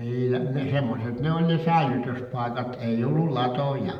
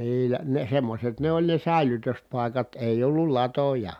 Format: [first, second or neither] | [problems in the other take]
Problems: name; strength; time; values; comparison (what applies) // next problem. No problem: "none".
second | room echo; dies away in 0.7 s